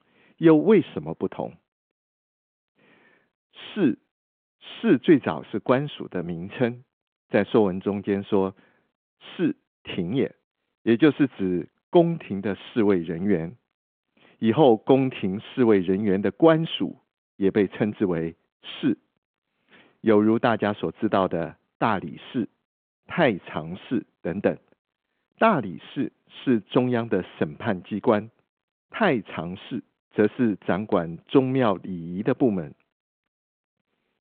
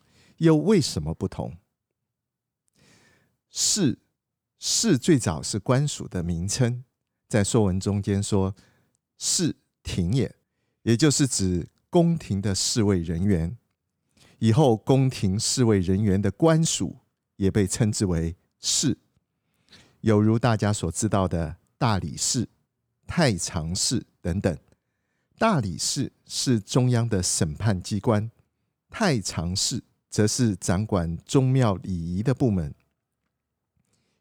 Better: second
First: phone-call audio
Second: none

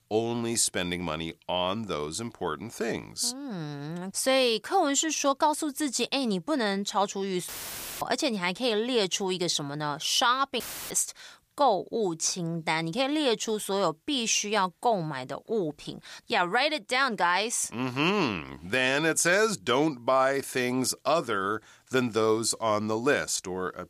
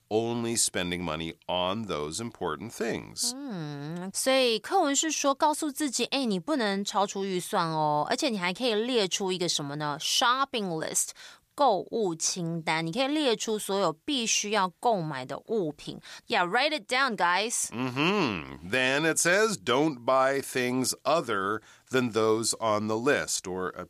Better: second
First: audio cutting out; filled with static; at 7.5 s for 0.5 s and at 11 s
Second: none

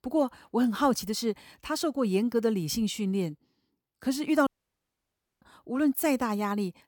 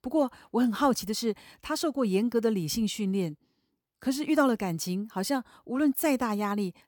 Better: second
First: audio cutting out; at 4.5 s for 1 s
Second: none

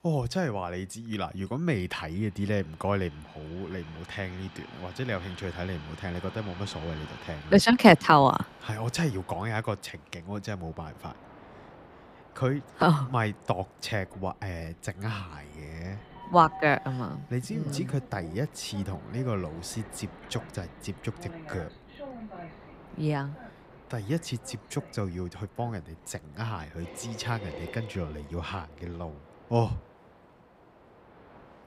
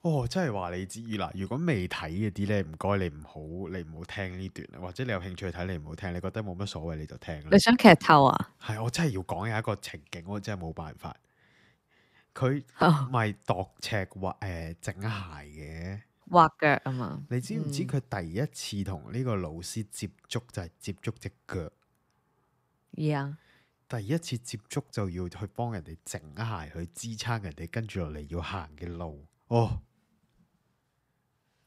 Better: second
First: train or aircraft noise; noticeable; throughout; 20 dB below the speech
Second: none

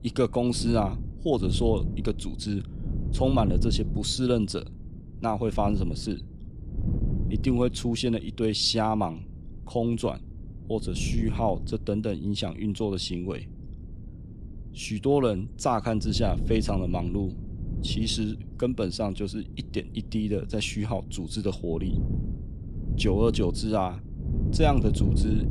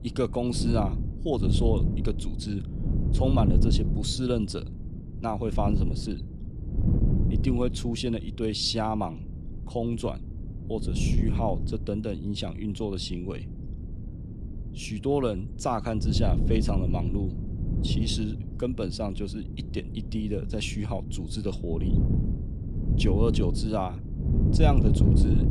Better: first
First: wind noise on the microphone; occasional gusts; 15 dB below the speech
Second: wind noise on the microphone; heavy; 8 dB below the speech

